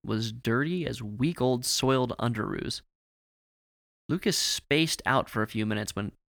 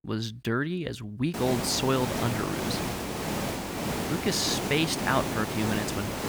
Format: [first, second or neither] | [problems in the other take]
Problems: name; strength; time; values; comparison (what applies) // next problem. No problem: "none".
first | hiss; loud; from 1.5 s on; 2 dB below the speech